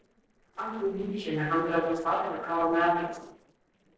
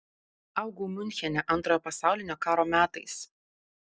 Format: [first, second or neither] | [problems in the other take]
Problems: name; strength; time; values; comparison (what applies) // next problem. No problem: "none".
second | noise reduction (neural separator model SepFormer DNS4)